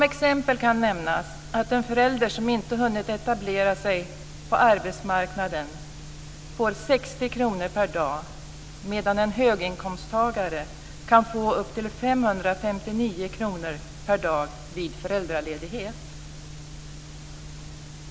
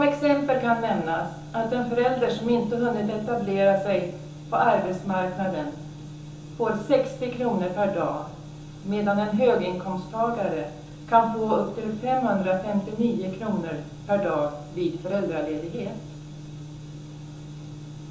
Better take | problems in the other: first | room echo; dies away in 1.2 s

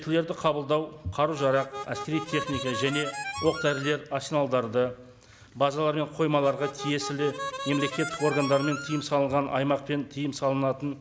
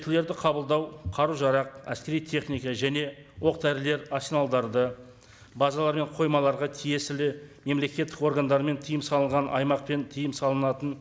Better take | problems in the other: second | background sound (Harmonica); 8 dB below the speech

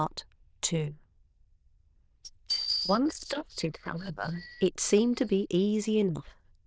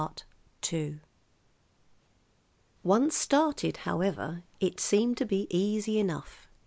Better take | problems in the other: second | noise reduction (neural diffusion model UNIVERSE++)

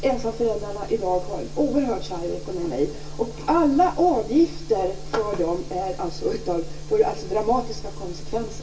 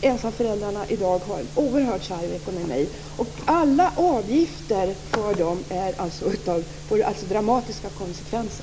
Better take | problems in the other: second | room echo; dies away in 0.2 s

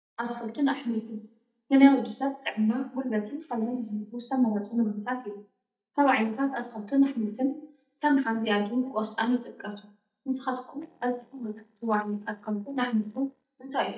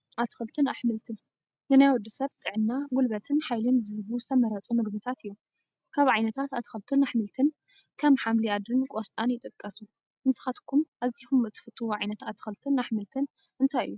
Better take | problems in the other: second | noise reduction (neural mask model DeepFilterNet 3)

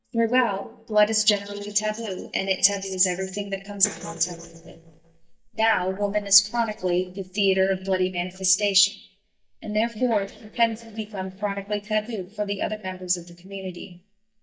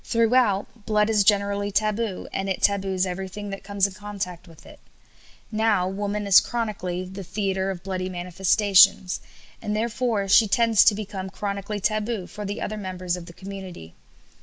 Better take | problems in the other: second | noise reduction (neural mask model DeepFilterNet 3)

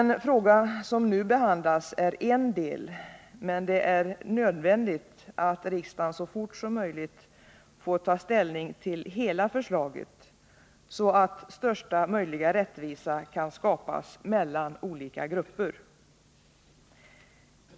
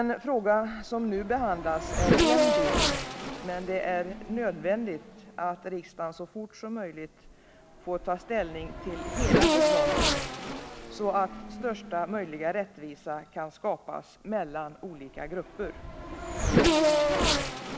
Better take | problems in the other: first | background sound (Race car, auto racing / Accelerating, revving, vroom); 3 dB above the speech

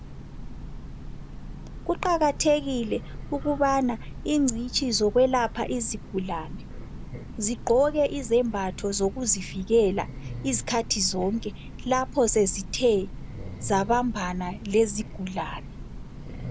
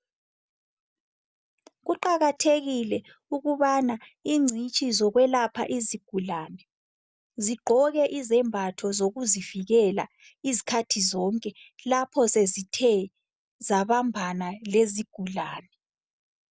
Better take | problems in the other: second | background sound (Train); 10 dB below the speech

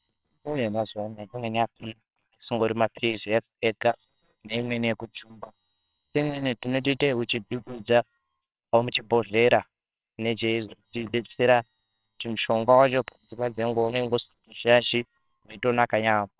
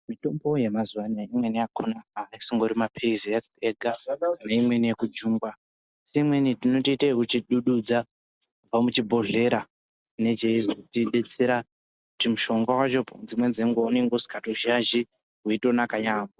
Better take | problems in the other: second | noise reduction (neural separator model SepFormer WHAMR!)

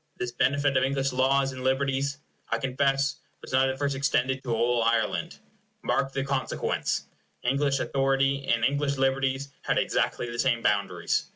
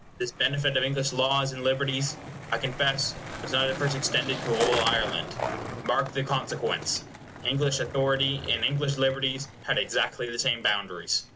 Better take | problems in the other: first | background sound (Skateboard); 9 dB below the speech

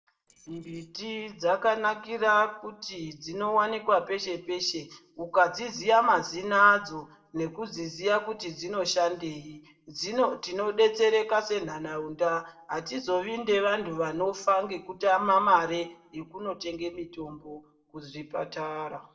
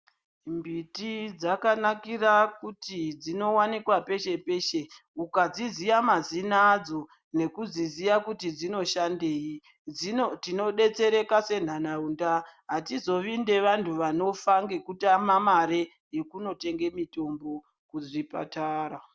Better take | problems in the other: second | noise reduction (neural separator model SepFormer DNS4)

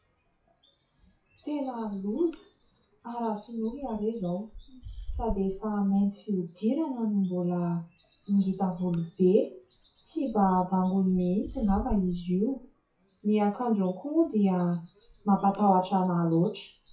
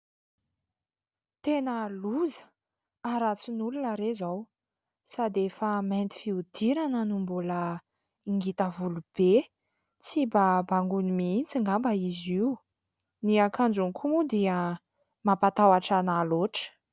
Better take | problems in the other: second | noise reduction (classical method WPE with log-MMSE)

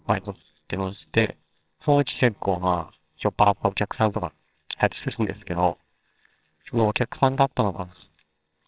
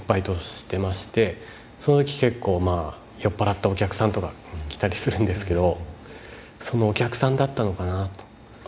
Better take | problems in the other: second | noise reduction (neural separator model SepFormer WHAMR!)

